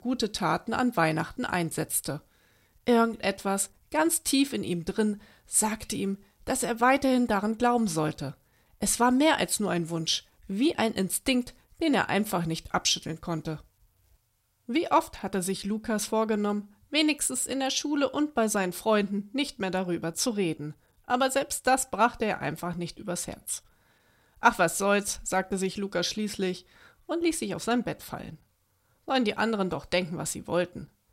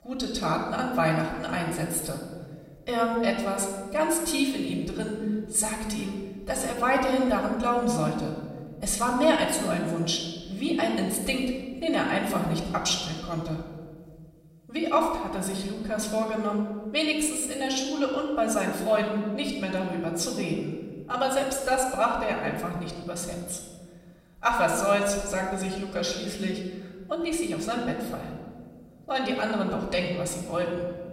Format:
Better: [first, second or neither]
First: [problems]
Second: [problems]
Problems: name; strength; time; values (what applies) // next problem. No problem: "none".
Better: first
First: none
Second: room echo; noticeable; dies away in 1.4 s // off-mic speech; far